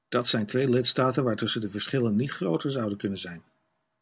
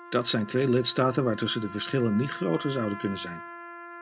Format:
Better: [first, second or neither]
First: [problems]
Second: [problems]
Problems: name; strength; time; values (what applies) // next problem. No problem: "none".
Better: first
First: none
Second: background sound (Trumpet); 14 dB below the speech